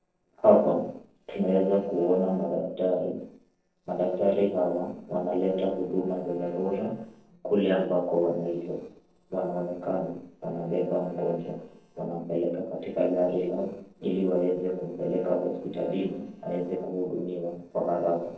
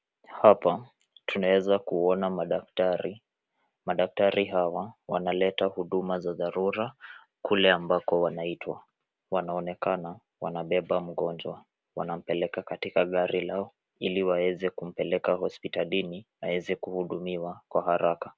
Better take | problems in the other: second | noise reduction (neural separator model SepFormer DNS4)

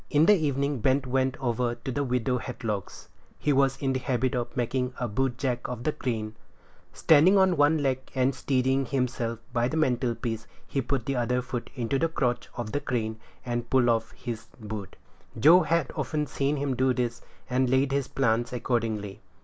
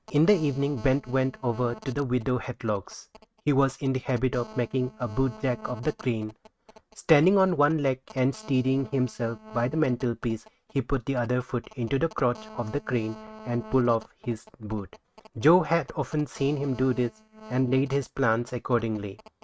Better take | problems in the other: first | noise reduction (neural mask model RNNoise)

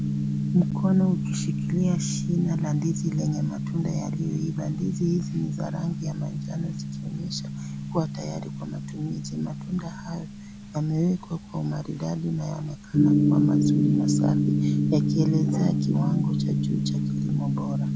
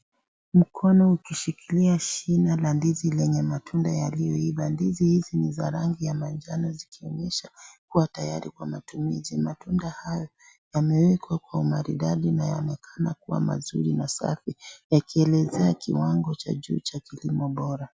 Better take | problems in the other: second | background sound (Gong); 2 dB above the speech

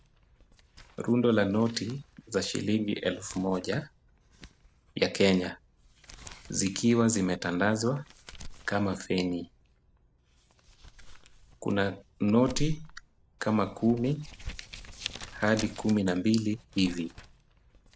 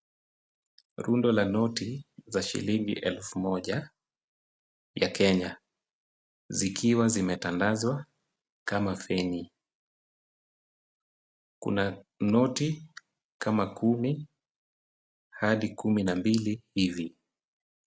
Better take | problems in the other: second | background sound (Crumpling, crinkling); 15 dB below the speech

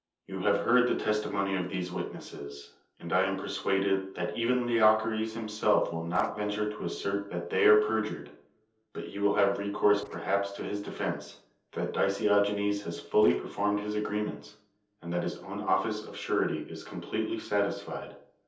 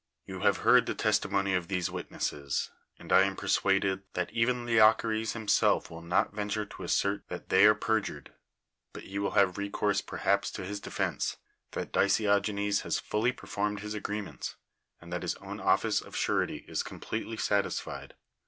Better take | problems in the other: second | noise reduction (neural separator model SepFormer DNS4)

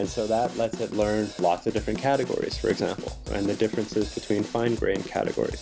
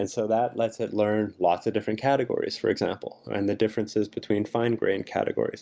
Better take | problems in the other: second | background sound (Drum / Drum kit); 10 dB below the speech

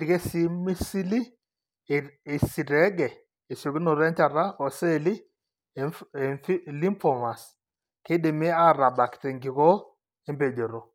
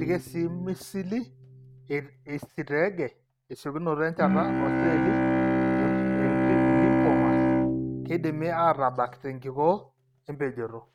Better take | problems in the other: first | noise reduction (neural mask model RNNoise)

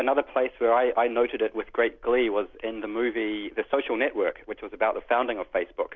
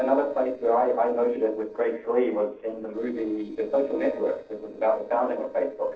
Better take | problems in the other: first | noise reduction (neural separator model SepFormer DNS4)

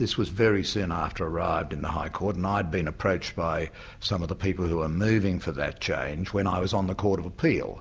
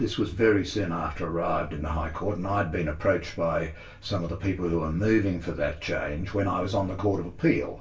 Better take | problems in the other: first | room echo; dies away in 0.2 s

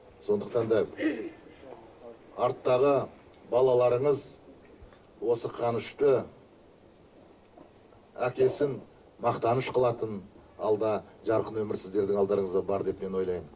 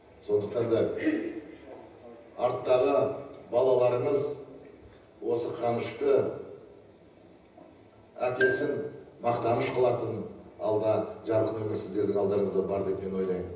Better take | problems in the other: first | background sound (Marimba, xylophone); 9 dB below the speech // room echo; dies away in 0.9 s

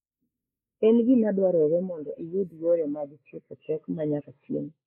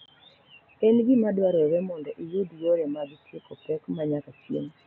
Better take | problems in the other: second | noise reduction (neural mask model Resemble Enhance denoiser)

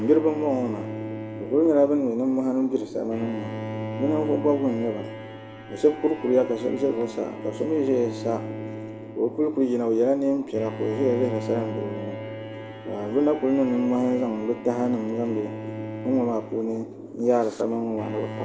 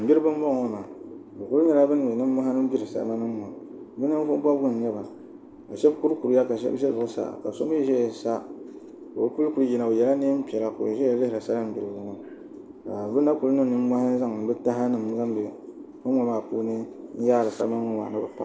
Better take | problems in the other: second | background sound (Bowed string instrument); 11 dB below the speech

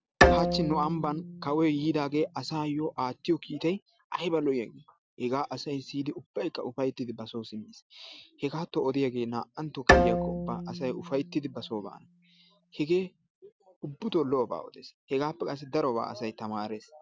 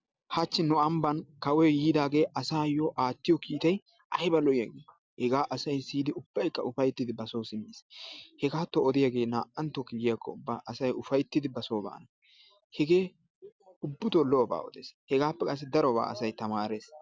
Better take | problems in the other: second | background sound (Bowed string instrument); 3 dB above the speech

